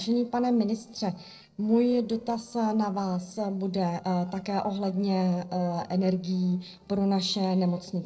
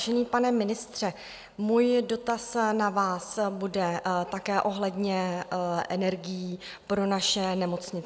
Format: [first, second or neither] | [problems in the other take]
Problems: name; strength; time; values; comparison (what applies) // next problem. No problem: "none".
second | noise reduction (neural separator model SepFormer DNS4)